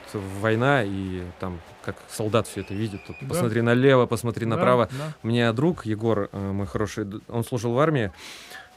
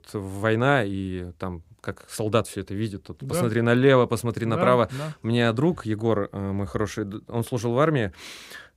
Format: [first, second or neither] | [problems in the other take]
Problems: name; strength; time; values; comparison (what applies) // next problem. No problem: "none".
second | crowd noise; faint; throughout; 25 dB below the speech